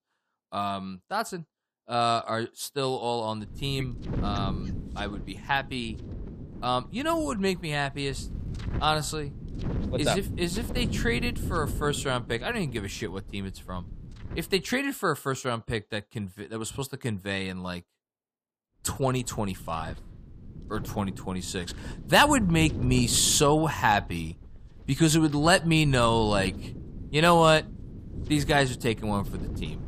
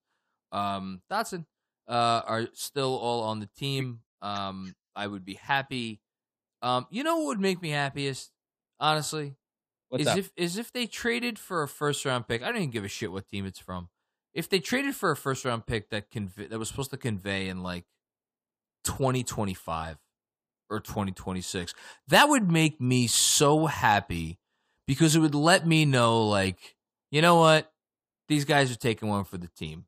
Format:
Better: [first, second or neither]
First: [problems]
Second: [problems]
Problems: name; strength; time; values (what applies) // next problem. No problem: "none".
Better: second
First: wind noise on the microphone; occasional gusts; from 3.5 to 15 s and from 19 s on; 20 dB below the speech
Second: none